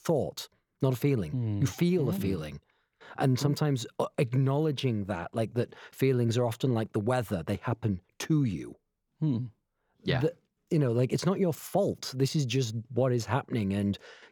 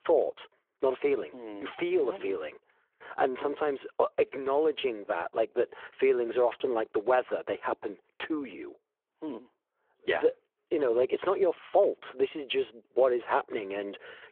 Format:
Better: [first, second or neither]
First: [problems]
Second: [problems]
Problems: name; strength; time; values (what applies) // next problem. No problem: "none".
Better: first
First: none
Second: phone-call audio